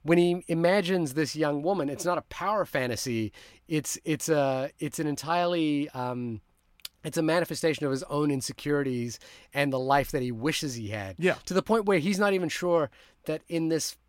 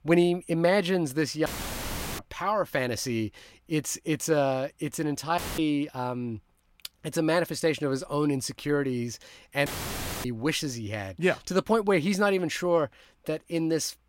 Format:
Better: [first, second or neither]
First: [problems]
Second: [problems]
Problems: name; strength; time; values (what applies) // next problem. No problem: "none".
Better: first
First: none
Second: audio cutting out; filled with static; at 1.5 s for 0.5 s, at 5.5 s and at 9.5 s for 0.5 s